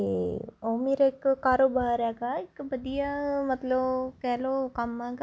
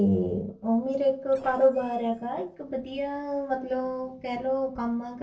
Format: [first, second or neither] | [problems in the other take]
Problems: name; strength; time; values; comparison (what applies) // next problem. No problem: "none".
first | noise reduction (neural separator model SepFormer DNS4)